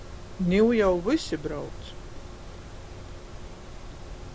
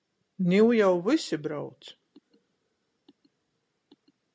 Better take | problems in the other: second | background sound (Mechanisms); 10 dB below the speech

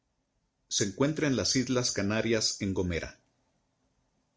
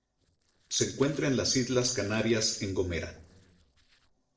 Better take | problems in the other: first | noise reduction (neural separator model SepFormer DNS4)

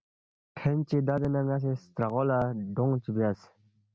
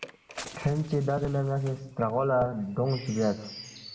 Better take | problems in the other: first | background sound (Bird); 17 dB below the speech // room echo; dies away in 1.7 s

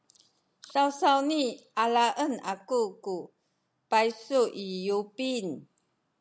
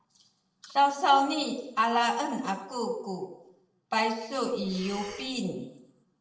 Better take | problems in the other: first | noise reduction (neural separator model SepFormer DNS4)

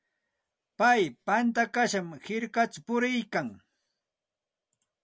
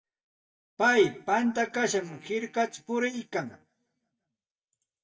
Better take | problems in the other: first | noise reduction (neural mask model DeepFilterNet 3)

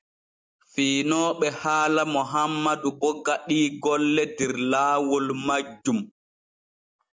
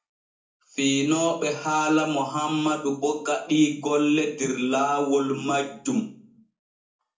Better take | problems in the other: first | room echo; dies away in 0.4 s

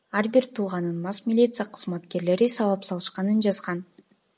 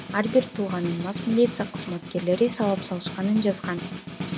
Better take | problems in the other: first | background sound (Snare drum); 9 dB below the speech

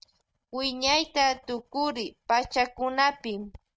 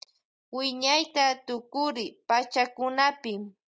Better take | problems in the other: second | noise reduction (neural mask model RNNoise)

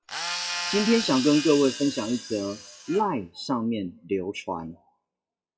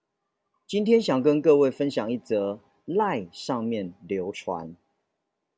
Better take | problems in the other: second | noise reduction (classical method WPE with log-MMSE)

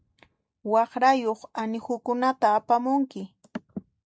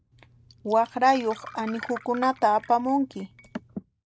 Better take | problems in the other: first | background sound (Glass); 19 dB below the speech

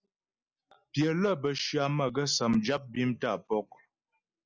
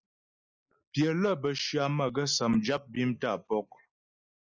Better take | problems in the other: first | noise reduction (neural mask model Resemble Enhance denoiser)

